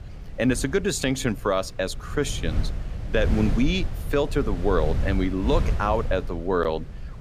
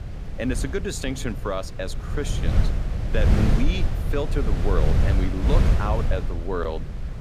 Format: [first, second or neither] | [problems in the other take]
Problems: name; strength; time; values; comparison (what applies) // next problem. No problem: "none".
first | wind noise on the microphone; heavy; 5 dB below the speech; occasional gusts in the first